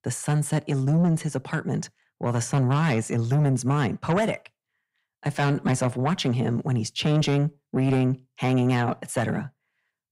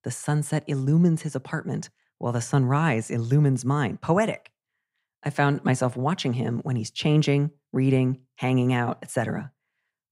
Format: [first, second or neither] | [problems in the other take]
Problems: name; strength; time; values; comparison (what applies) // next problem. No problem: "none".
second | distortion; slight; 10 dB below the speech